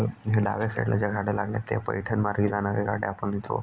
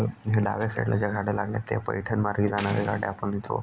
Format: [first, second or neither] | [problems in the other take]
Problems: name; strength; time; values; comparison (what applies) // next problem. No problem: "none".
first | background sound (Slam); 17 dB below the speech